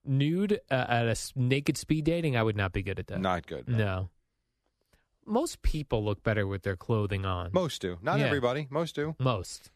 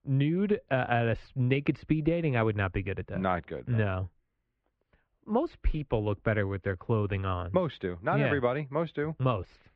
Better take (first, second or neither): first